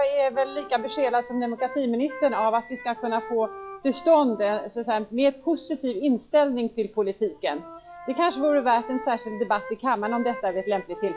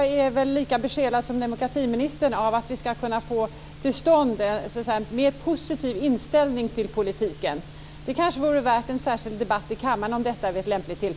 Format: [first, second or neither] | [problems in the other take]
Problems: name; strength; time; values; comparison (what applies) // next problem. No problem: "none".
second | noise reduction (classical method log-MMSE)